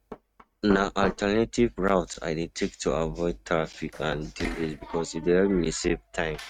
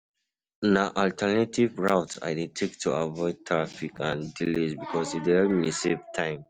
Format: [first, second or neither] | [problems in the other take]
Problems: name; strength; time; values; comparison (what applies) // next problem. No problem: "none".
second | noise reduction (neural mask model RNNoise)